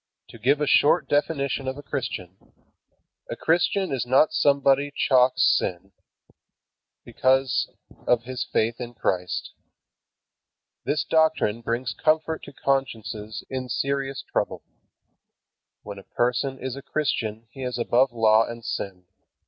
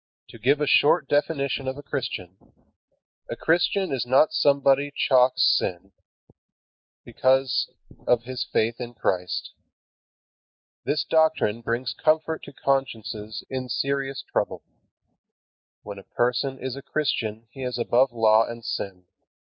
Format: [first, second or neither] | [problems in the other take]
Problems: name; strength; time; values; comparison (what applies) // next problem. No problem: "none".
first | noise reduction (neural mask model Resemble Enhance denoiser)